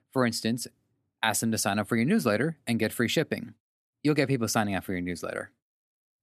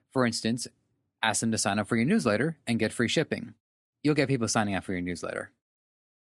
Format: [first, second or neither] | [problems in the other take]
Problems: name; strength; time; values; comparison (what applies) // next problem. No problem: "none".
first | garbled, watery; slightly; nothing above 10.5 kHz